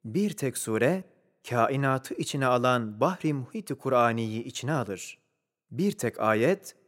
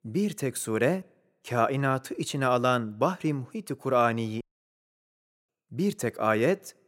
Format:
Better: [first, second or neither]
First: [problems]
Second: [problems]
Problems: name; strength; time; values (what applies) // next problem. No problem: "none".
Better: first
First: none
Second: audio cutting out; at 4.5 s for 1 s